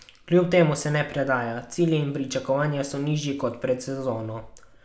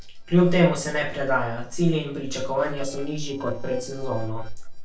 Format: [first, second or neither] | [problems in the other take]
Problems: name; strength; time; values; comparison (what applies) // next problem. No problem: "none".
first | noise reduction (neural separator model SepFormer DNS4)